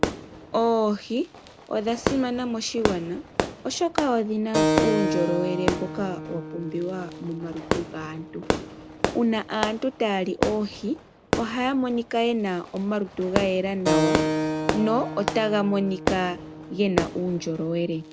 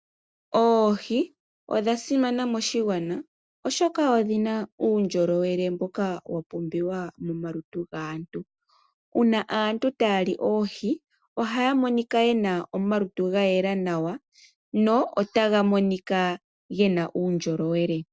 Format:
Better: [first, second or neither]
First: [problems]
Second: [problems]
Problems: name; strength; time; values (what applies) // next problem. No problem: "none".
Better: second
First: background sound (Fireworks + Keyboard (musical)); 2 dB below the speech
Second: none